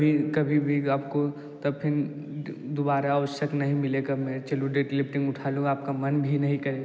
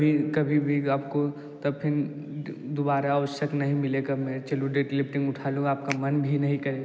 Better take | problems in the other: first | background sound (Finger snapping); 12 dB below the speech

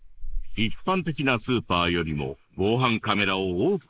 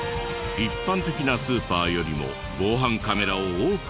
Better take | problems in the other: second | noise reduction (neural mask model Resemble Enhance denoiser)

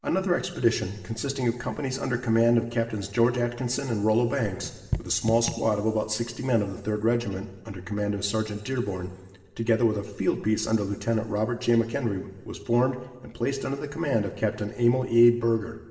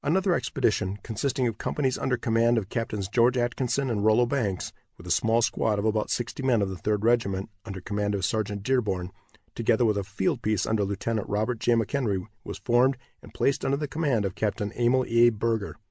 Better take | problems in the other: second | background sound (Raindrop / Drip); 9 dB below the speech // room echo; dies away in 2.4 s

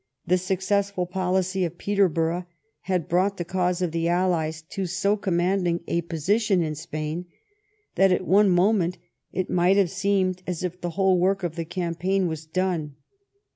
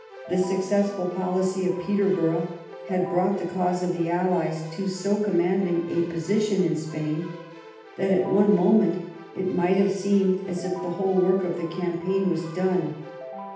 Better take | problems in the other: first | background sound (Keyboard (musical)); 16 dB below the speech // room echo; dies away in 0.8 s

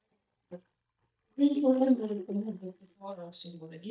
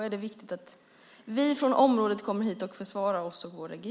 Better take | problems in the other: second | noise reduction (neural mask model DeepFilterNet 3)

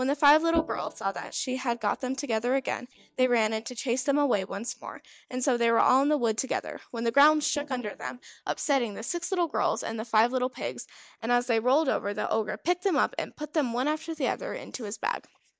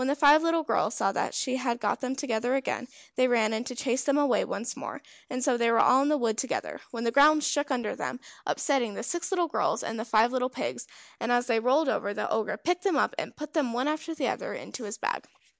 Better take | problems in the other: second | noise reduction (neural mask model DeepFilterNet 3)

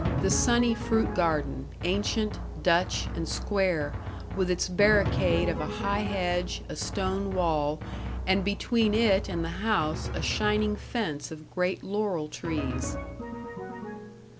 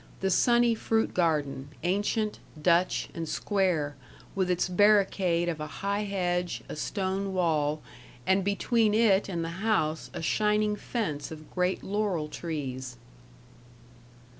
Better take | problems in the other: second | background sound (Drum); 5 dB below the speech

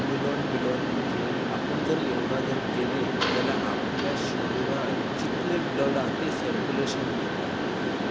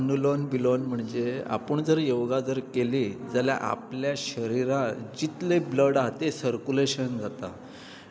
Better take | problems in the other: second | background sound (Mechanisms); 4 dB above the speech

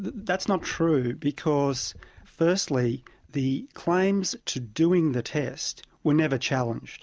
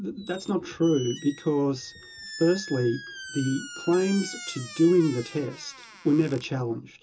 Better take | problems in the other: first | background sound (Squeak); 16 dB below the speech // room echo; dies away in 0.2 s

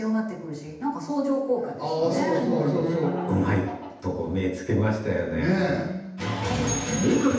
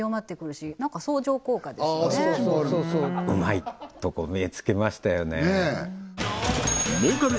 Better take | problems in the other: second | room echo; dies away in 0.9 s

